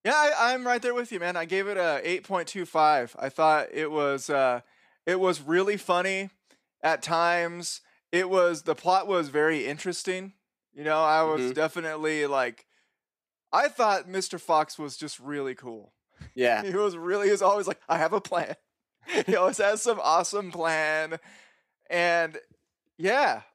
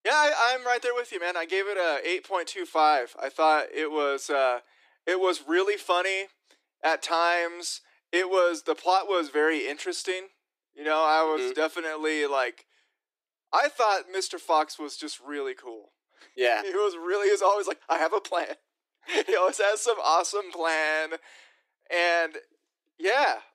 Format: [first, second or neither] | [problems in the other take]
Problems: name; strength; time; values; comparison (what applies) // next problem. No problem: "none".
first | thin; somewhat; fading below 300 Hz